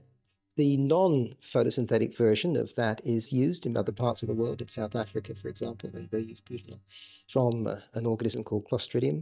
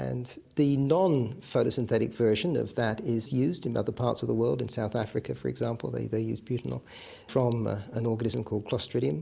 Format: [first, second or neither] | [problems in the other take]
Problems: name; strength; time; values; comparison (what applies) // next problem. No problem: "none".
second | noise reduction (neural mask model DeepFilterNet 3)